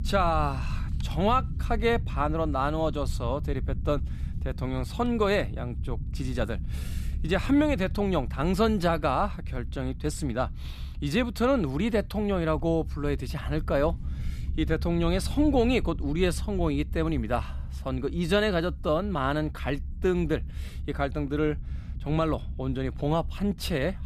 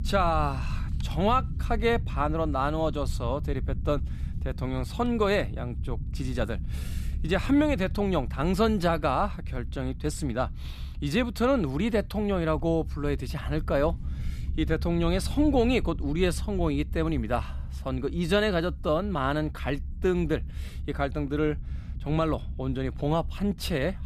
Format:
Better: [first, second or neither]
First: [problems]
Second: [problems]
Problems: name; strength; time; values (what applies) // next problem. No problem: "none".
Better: neither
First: low rumble; faint; throughout; 20 dB below the speech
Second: low rumble; faint; throughout; 20 dB below the speech